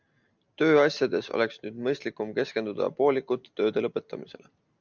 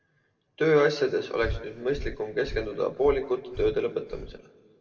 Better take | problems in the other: first | background sound (Breathing); 11 dB below the speech // room echo; dies away in 1.5 s

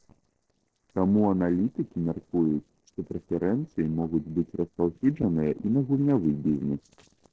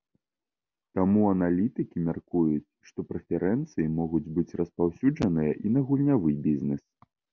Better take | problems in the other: second | noise reduction (neural separator model SepFormer DNS4)

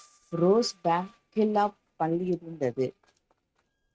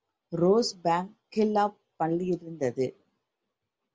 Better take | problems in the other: second | noise reduction (neural mask model RNNoise)

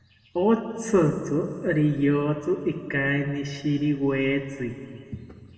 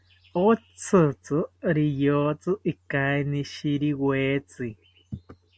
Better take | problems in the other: second | room echo; dies away in 2.1 s

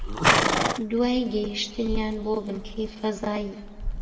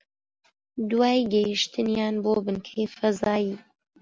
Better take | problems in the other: second | background sound (Livestock, farm animals, working animals); 1 dB above the speech // room echo; dies away in 1.2 s

